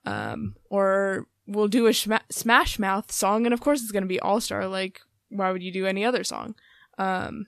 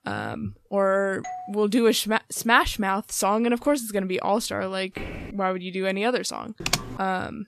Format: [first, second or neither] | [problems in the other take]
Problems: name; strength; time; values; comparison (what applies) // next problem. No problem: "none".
first | doorbell; faint; at 1 s; peak 10 dB below the speech // footsteps; faint; at 5 s; peak 10 dB below the speech // keyboard typing; noticeable; at 6.5 s; peak 2 dB below the speech